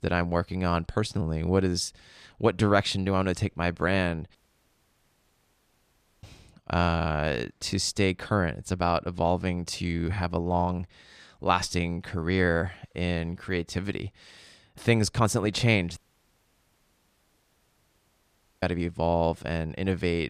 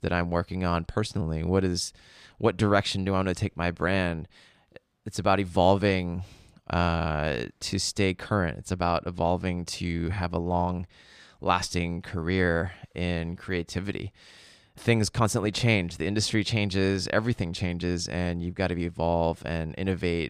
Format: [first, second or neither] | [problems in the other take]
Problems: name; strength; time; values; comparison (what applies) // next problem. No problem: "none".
second | audio cutting out; at 4.5 s for 2 s and at 16 s for 2.5 s